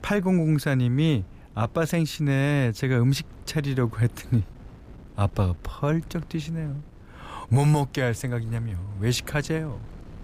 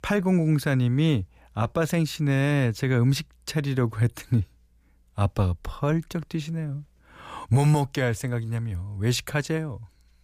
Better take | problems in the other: second | wind noise on the microphone; occasional gusts; 25 dB below the speech

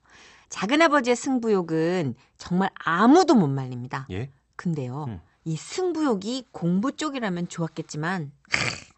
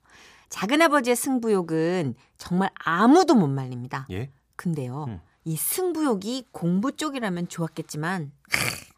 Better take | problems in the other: second | garbled, watery; slightly; nothing above 8 kHz

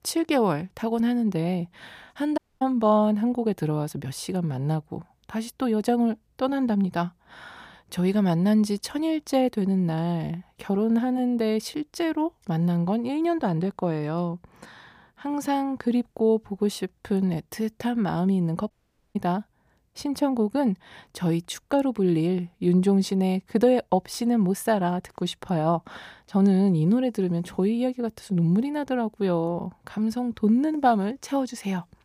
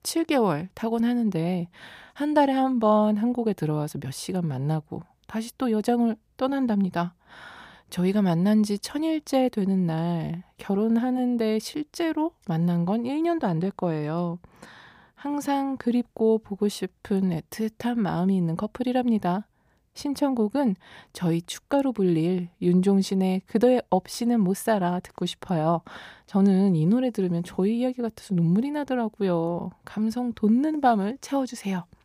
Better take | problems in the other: second | audio cutting out; at 2.5 s and at 19 s

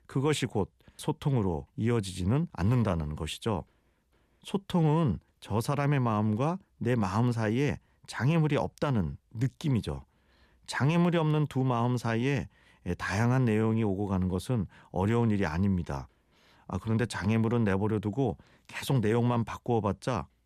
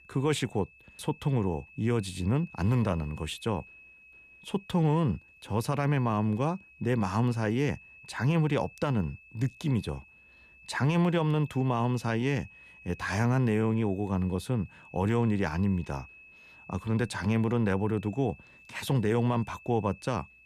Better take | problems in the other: first | high-pitched whine; faint; throughout; 2.5 kHz, 20 dB below the speech

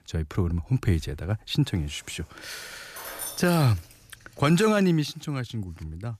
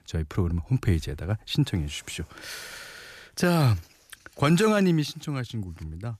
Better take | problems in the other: second | jangling keys; noticeable; at 3 s; peak 8 dB below the speech

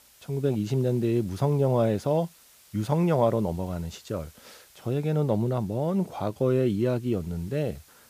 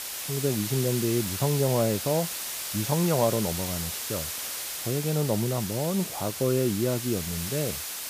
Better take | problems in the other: first | hiss; loud; throughout; 3 dB below the speech; faint in the first

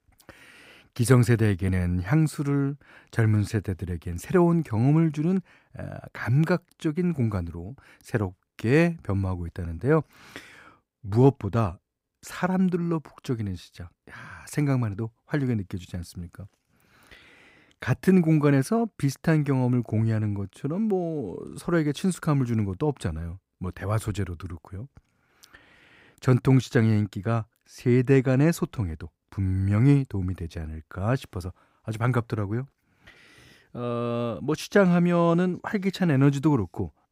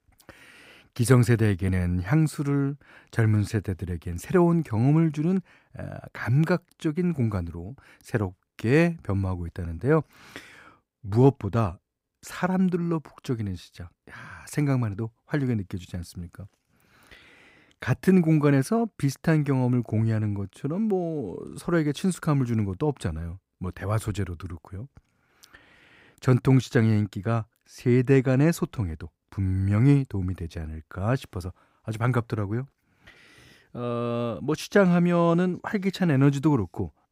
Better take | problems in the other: neither | none

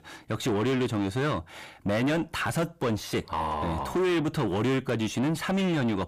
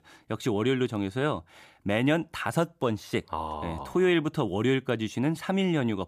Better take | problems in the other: second | distortion; heavy; 7 dB below the speech

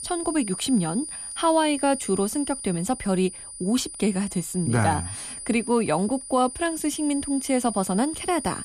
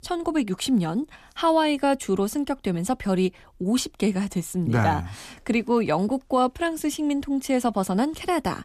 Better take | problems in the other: second | high-pitched whine; loud; throughout; 9.5 kHz, 8 dB below the speech

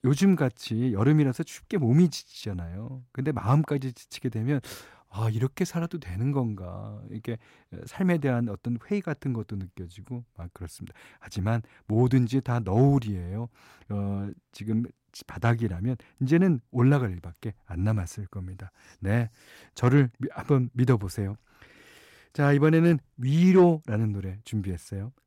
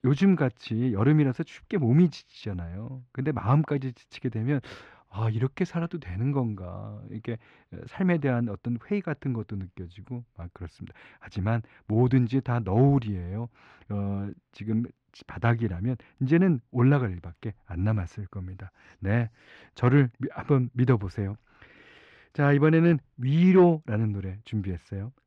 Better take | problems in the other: first | muffled; slightly; fading above 3 kHz

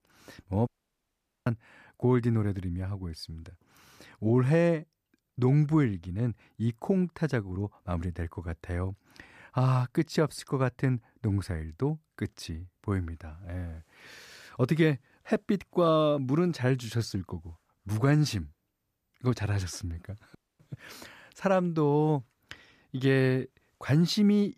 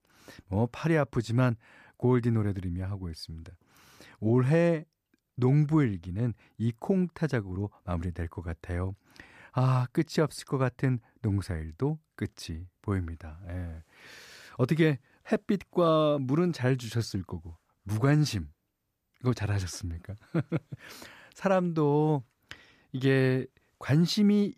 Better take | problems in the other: second | audio cutting out; at 0.5 s for 1 s and at 20 s

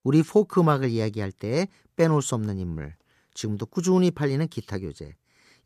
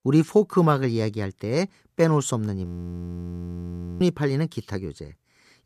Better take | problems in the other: first | audio freezing; at 2.5 s for 1.5 s

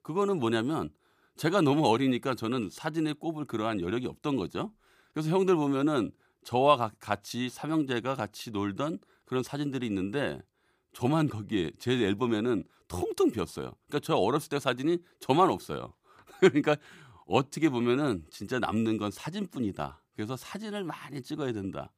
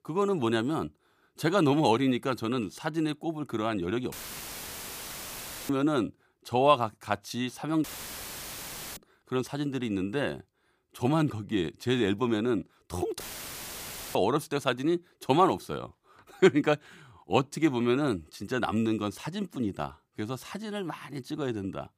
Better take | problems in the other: first | audio cutting out; filled with static; at 4 s for 1.5 s, at 8 s for 1 s and at 13 s for 1 s

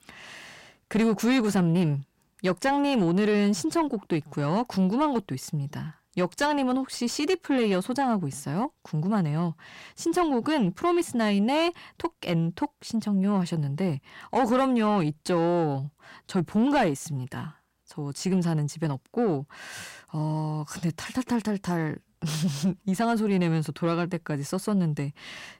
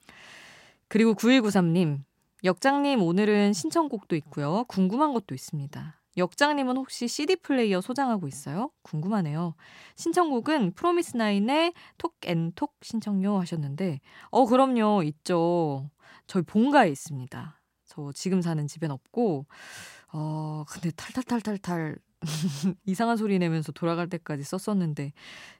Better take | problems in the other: second | distortion; slight; 10 dB below the speech

